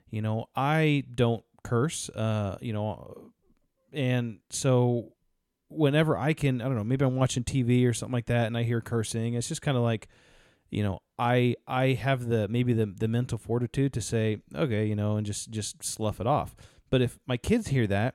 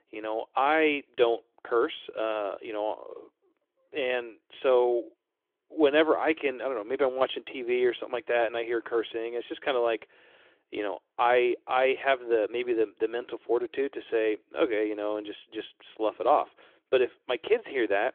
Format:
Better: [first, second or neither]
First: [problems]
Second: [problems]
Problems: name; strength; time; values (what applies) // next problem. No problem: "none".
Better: first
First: none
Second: phone-call audio; nothing above 3.5 kHz